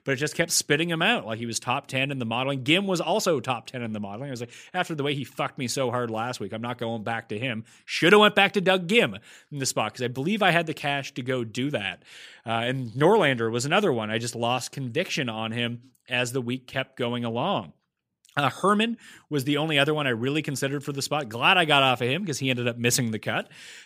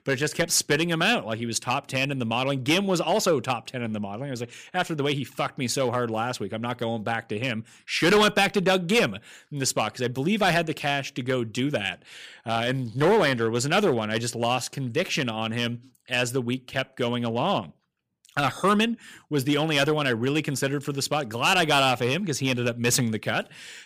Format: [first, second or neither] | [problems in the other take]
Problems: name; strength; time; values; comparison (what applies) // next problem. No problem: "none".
first | distortion; slight; 3% of the sound clipped